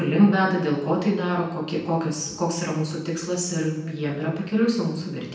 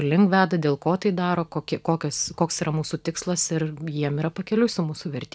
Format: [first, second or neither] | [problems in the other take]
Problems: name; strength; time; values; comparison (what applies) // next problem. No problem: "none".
second | room echo; dies away in 0.9 s